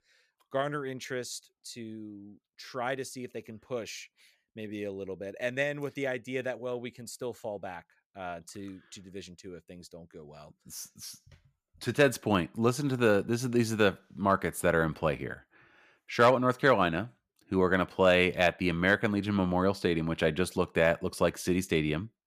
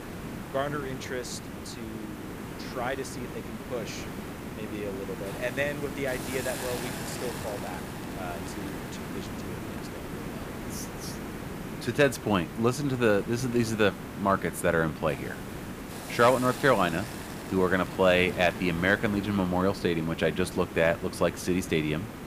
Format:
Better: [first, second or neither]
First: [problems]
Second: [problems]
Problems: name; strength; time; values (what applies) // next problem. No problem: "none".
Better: first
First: none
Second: hiss; loud; throughout; 10 dB below the speech